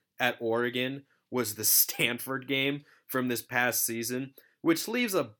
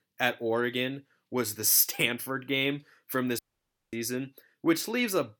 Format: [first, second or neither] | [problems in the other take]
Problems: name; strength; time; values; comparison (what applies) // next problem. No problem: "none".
first | audio cutting out; at 3.5 s for 0.5 s